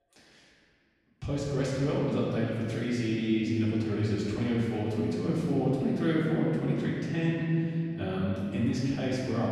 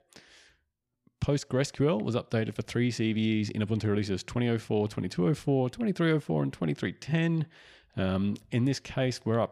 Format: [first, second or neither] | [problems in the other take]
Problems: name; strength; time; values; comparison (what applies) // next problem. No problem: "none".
second | room echo; strong; dies away in 2.5 s // off-mic speech; far